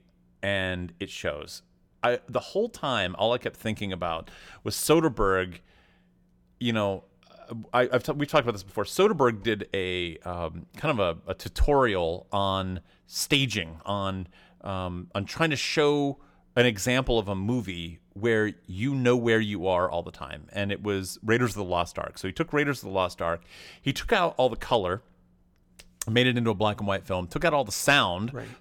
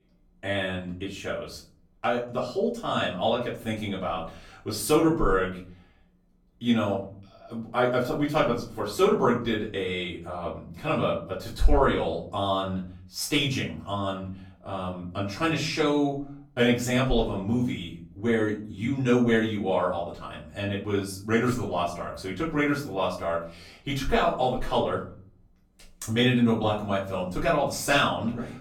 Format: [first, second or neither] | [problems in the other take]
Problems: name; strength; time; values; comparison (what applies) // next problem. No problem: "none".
first | room echo; slight; dies away in 0.4 s // off-mic speech; far